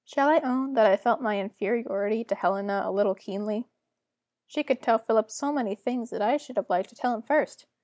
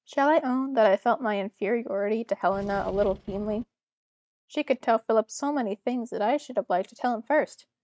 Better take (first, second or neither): first